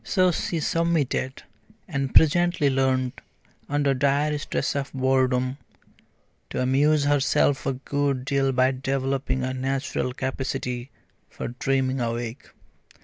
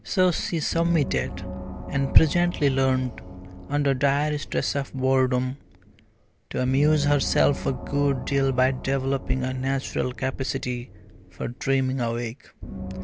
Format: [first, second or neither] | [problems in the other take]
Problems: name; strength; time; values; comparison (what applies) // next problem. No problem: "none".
first | background sound (Gong); 12 dB below the speech